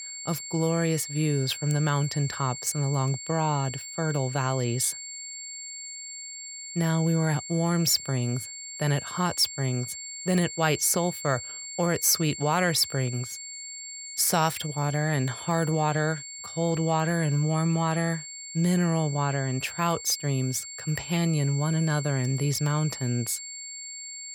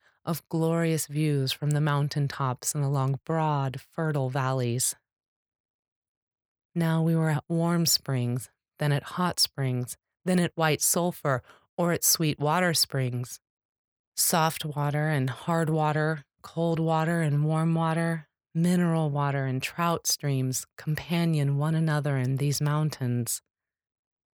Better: second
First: high-pitched whine; loud; throughout; 7.5 kHz, 10 dB below the speech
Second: none

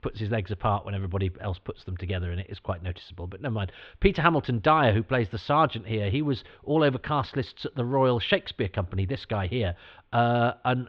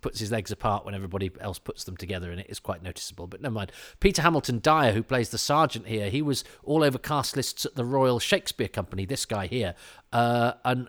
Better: second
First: muffled; very; fading above 3.5 kHz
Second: none

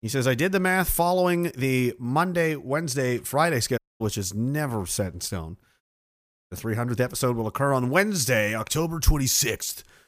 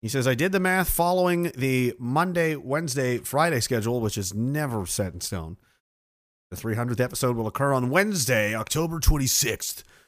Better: second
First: audio cutting out; at 4 s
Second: none

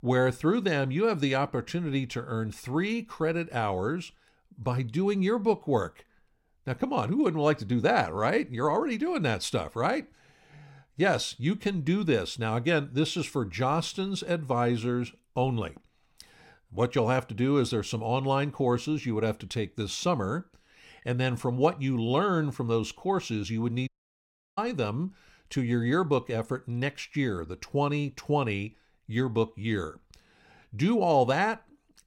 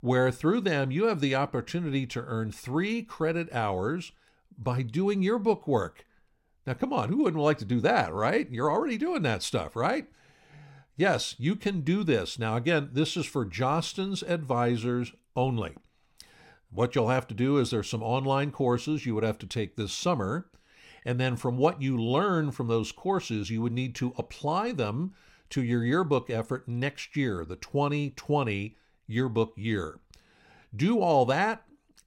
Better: second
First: audio cutting out; at 24 s for 0.5 s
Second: none

